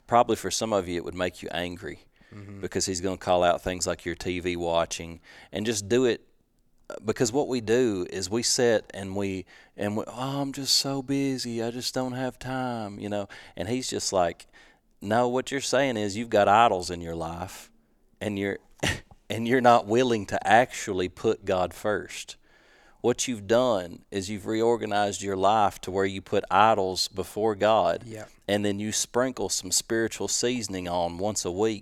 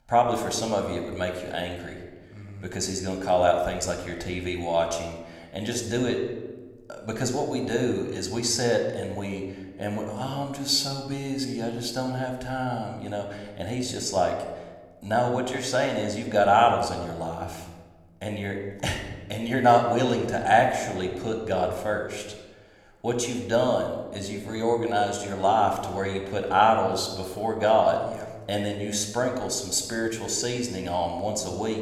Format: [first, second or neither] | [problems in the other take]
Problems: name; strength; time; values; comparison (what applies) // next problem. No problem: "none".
first | room echo; slight; dies away in 1 s